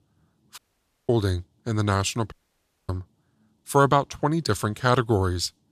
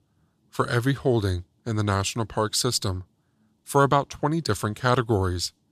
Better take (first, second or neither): second